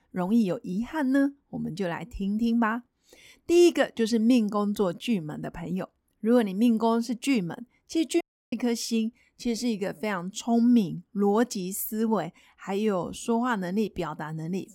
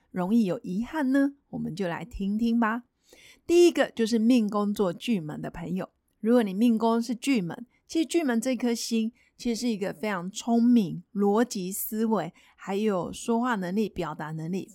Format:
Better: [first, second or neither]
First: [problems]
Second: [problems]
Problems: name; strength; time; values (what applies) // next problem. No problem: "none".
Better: second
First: audio cutting out; at 8 s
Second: none